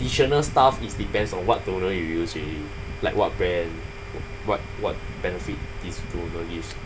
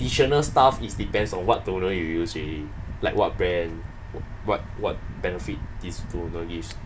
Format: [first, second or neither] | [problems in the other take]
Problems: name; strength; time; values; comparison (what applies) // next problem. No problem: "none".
second | background sound (Domestic sounds, home sounds); 16 dB below the speech